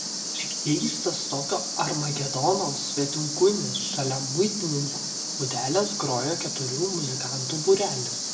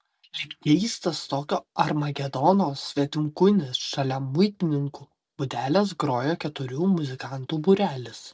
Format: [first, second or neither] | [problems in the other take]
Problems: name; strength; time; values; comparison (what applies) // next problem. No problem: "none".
second | background sound (Cricket); 3 dB below the speech // room echo; dies away in 0.7 s